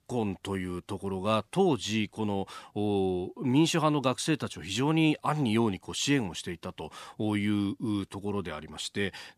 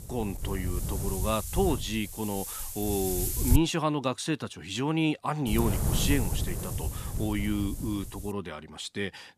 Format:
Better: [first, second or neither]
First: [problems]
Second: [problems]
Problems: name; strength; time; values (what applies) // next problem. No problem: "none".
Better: first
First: none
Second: wind noise on the microphone; heavy; until 3.5 s and from 5.5 to 8.5 s; 7 dB below the speech